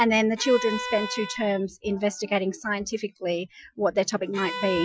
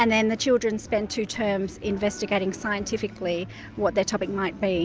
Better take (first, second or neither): second